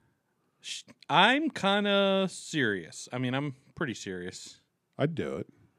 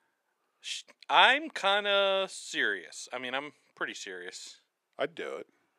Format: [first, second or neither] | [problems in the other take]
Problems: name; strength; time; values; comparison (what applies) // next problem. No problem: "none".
first | thin; very; fading below 550 Hz